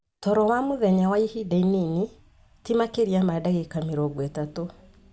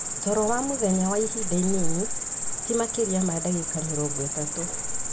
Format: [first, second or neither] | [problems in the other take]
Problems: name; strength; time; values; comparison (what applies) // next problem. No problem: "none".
first | background sound (Cricket); as loud as the speech